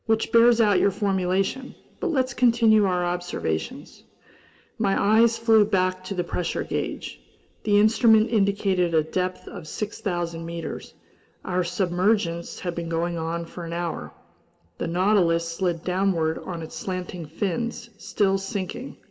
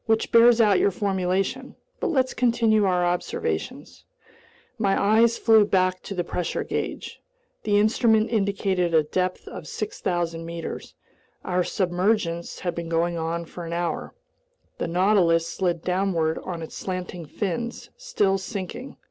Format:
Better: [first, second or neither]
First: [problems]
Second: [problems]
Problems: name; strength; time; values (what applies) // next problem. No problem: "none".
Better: second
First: room echo; dies away in 0.7 s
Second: none